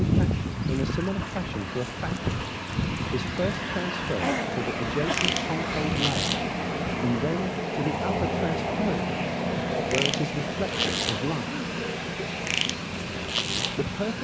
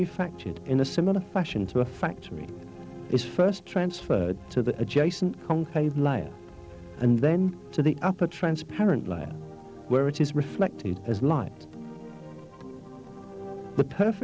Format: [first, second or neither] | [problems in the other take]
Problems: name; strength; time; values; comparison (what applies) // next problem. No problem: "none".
second | background sound (Fart + Train); 5 dB above the speech